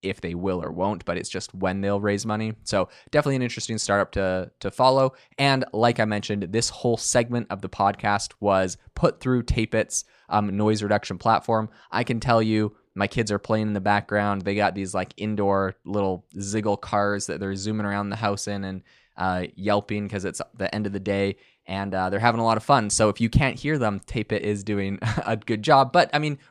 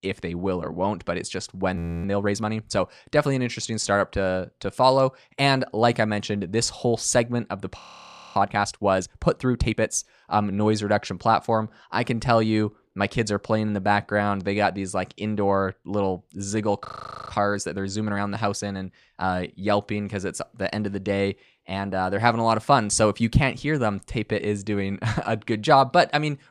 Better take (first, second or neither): first